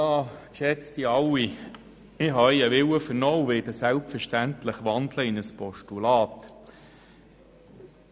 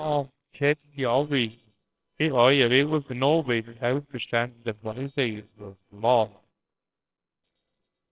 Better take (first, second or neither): first